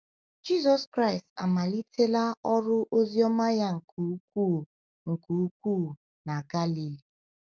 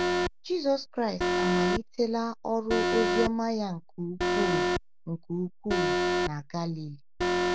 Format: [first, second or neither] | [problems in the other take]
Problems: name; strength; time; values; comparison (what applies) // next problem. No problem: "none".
first | background sound (Alarm); 2 dB above the speech